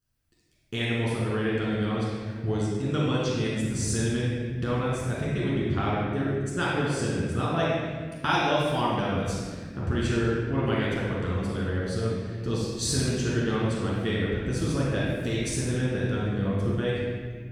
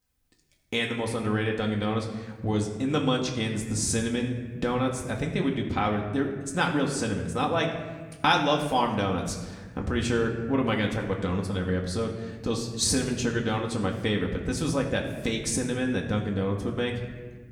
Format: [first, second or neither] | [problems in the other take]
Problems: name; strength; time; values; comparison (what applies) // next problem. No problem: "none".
second | room echo; strong; dies away in 1.8 s; slight in the second // off-mic speech; far; somewhat distant in the second